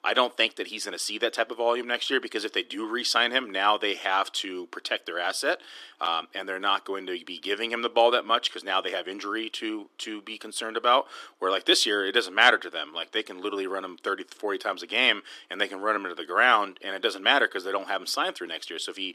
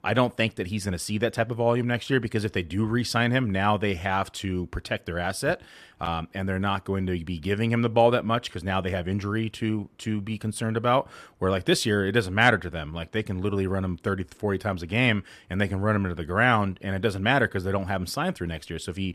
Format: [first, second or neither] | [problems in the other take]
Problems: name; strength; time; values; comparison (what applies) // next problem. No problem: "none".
second | thin; very; fading below 300 Hz